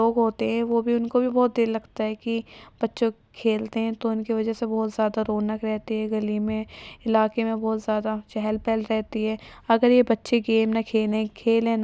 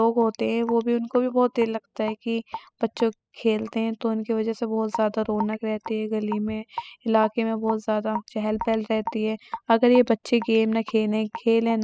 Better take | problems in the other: first | noise reduction (classical method spectral subtraction)

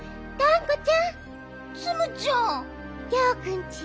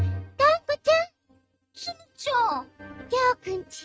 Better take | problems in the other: first | noise reduction (neural mask model RNNoise)

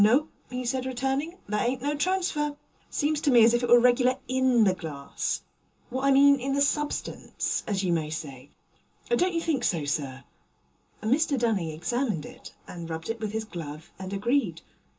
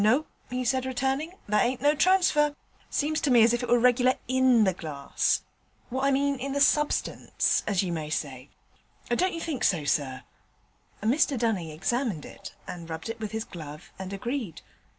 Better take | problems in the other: second | room echo; dies away in 0.2 s

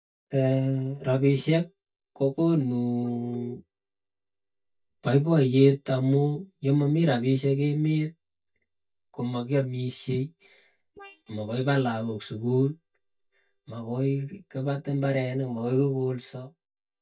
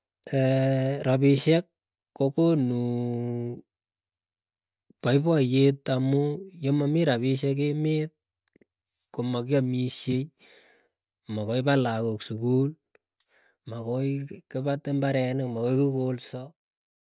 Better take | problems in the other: second | noise reduction (neural mask model DeepFilterNet 3)

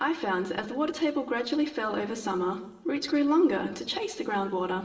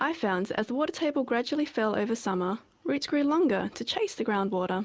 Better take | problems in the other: second | room echo; dies away in 1.2 s

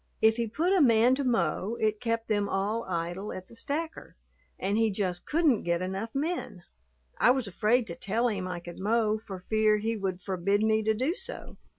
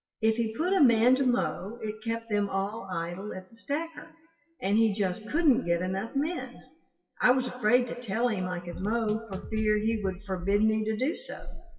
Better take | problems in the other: first | noise reduction (classical method WPE with log-MMSE)

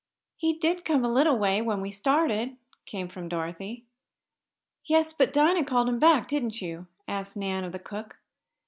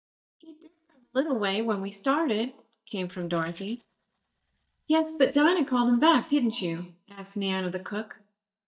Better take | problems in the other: first | noise reduction (neural mask model DeepFilterNet 3)

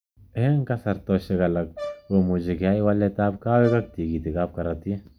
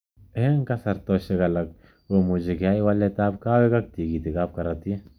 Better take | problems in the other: second | background sound (Brass instrument); 16 dB below the speech

